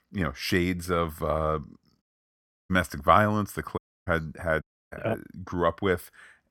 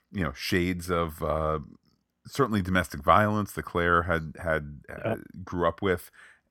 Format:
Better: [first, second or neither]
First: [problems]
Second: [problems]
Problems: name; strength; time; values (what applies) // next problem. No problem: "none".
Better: second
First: audio cutting out; at 2 s for 0.5 s, at 4 s and at 4.5 s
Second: none